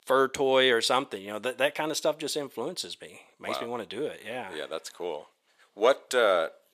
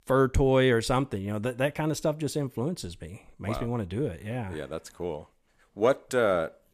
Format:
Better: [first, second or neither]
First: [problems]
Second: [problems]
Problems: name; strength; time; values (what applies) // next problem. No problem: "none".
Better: second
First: thin; somewhat; fading below 450 Hz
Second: none